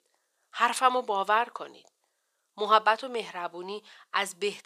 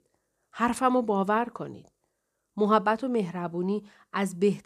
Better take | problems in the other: second | thin; very; fading below 700 Hz

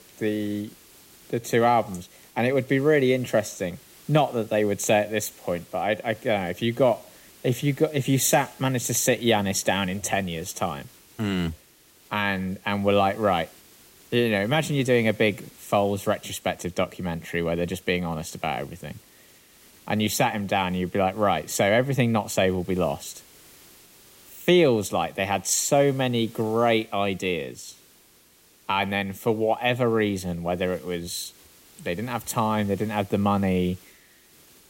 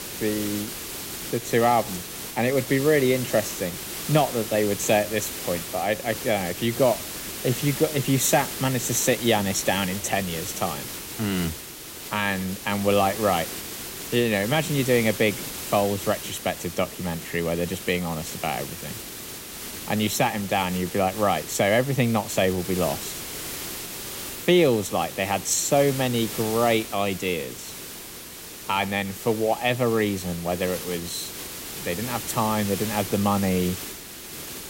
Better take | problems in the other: first | hiss; loud; throughout; 8 dB below the speech; faint in the first

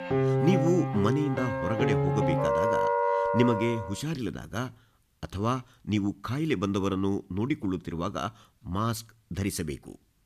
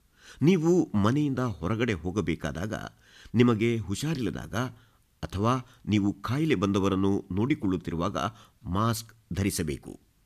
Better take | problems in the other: second | background music; very loud; until 3.5 s; 3 dB above the speech

